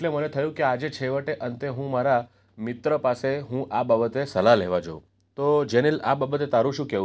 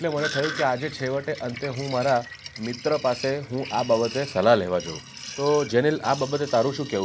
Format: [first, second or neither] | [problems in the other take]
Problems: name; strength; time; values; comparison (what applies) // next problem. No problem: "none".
first | background sound (Sink (filling or washing)); 13 dB below the speech